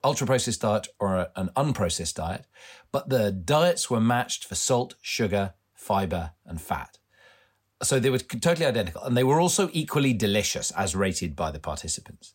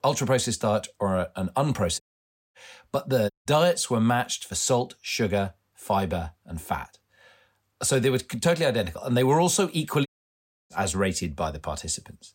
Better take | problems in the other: first | audio cutting out; at 2 s for 0.5 s, at 3.5 s and at 10 s for 0.5 s

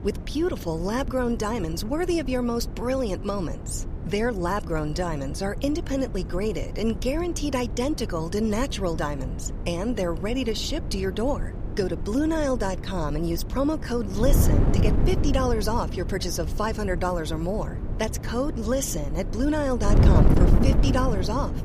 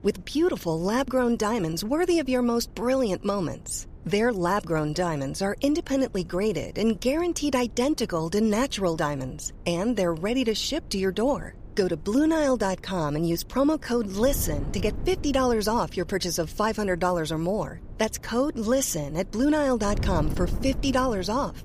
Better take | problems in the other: second | wind noise on the microphone; heavy; 9 dB below the speech; occasional gusts in the second

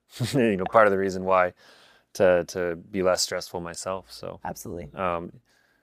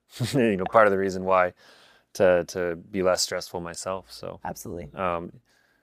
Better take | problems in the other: neither | none

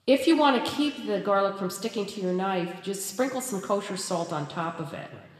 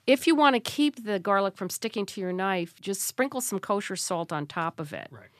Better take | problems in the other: second | room echo; slight; dies away in 1.4 s

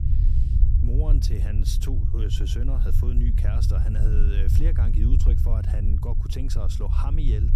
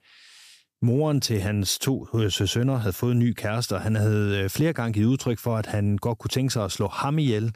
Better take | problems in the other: second | low rumble; loud; throughout; 2 dB below the speech

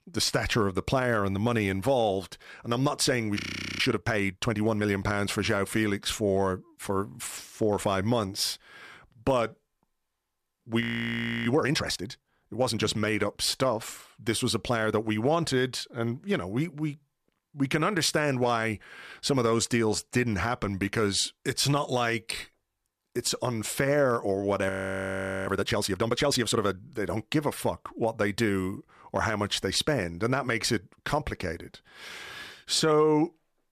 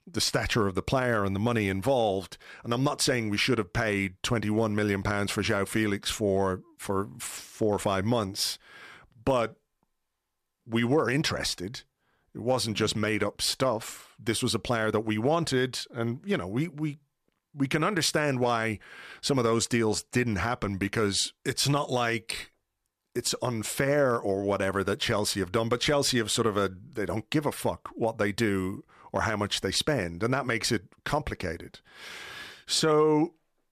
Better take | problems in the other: second | audio freezing; at 3.5 s, at 11 s for 0.5 s and at 25 s for 1 s

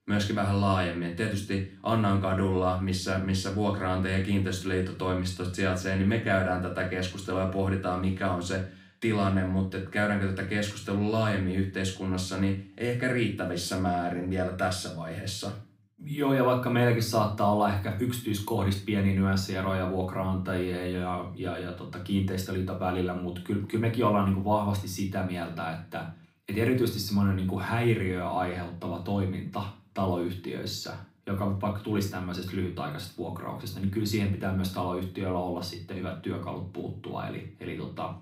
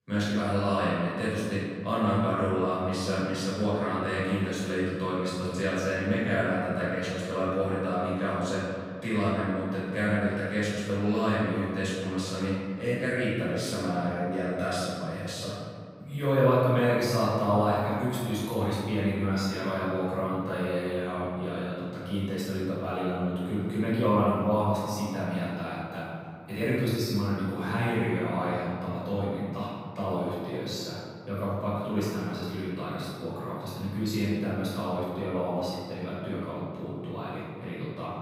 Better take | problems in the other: first | room echo; strong; dies away in 2 s; slight in the first // off-mic speech; far; far in the first

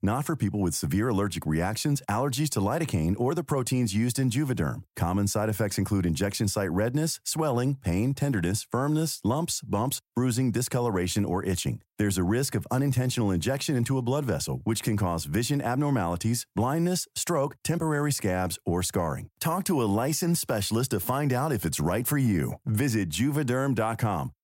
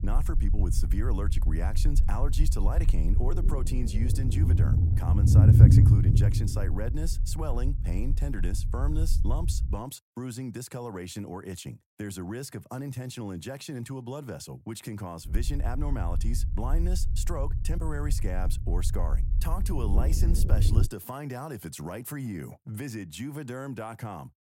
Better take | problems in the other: first | low rumble; loud; until 10 s and from 15 to 21 s; as loud as the speech

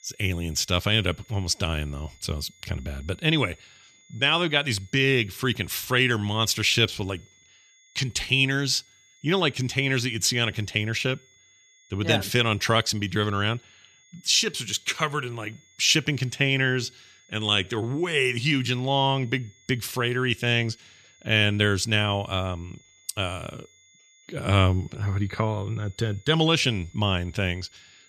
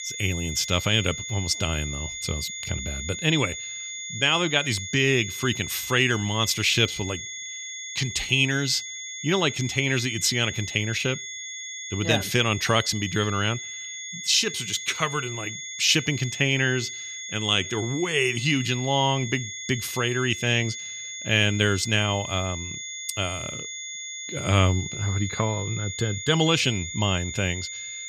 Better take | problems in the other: first | high-pitched whine; loud; throughout; 2 kHz, 8 dB below the speech; faint in the first

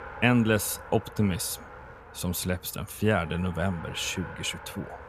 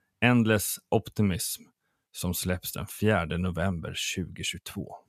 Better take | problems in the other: second | traffic noise; noticeable; throughout; 15 dB below the speech

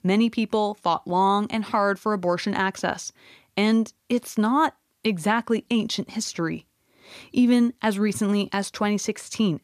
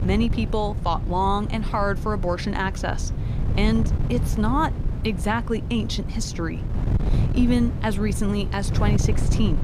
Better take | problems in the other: first | wind noise on the microphone; occasional gusts; 10 dB below the speech

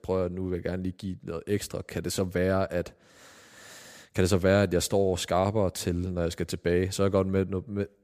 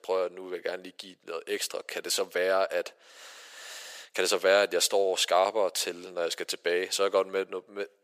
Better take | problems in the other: first | thin; very; fading below 500 Hz

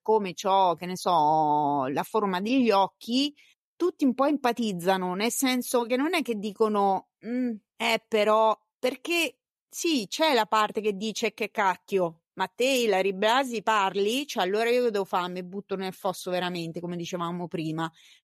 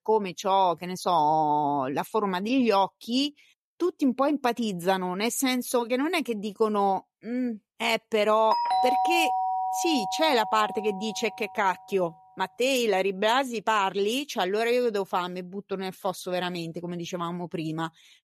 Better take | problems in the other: first | doorbell; loud; from 8.5 to 11 s; peak 3 dB above the speech

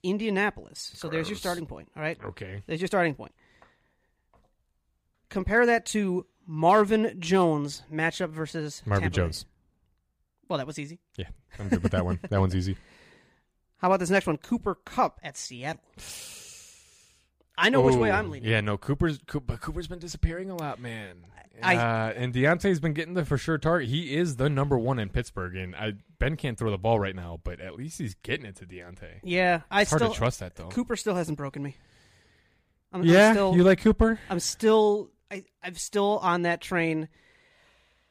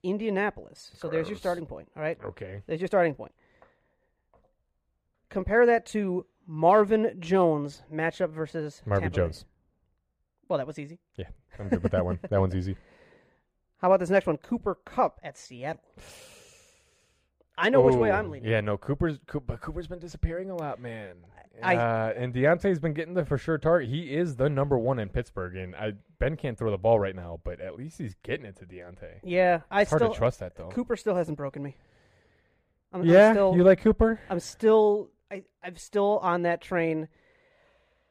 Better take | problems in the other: first | muffled; slightly; fading above 3 kHz

